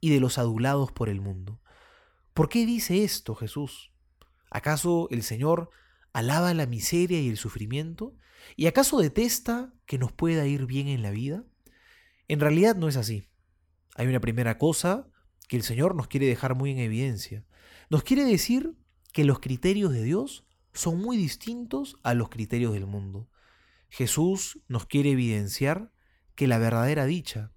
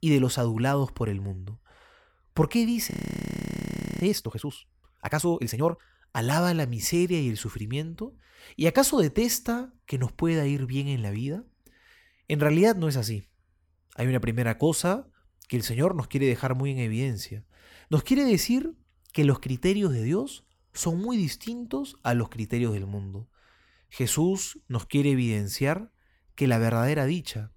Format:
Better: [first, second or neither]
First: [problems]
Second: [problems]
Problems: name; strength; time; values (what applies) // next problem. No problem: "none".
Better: first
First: none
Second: audio freezing; at 3 s for 1 s